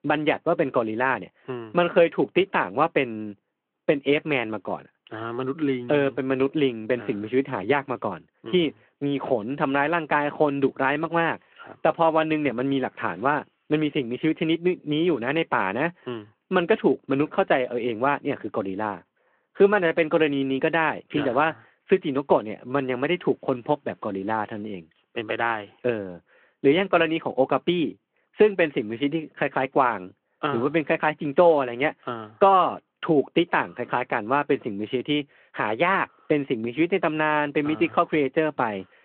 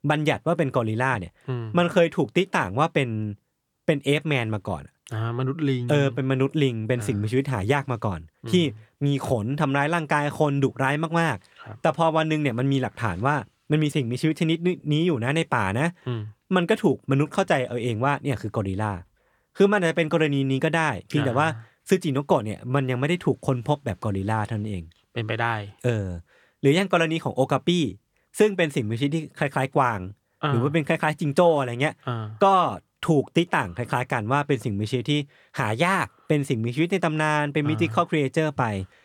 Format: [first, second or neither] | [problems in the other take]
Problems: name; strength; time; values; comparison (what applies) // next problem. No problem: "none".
second | phone-call audio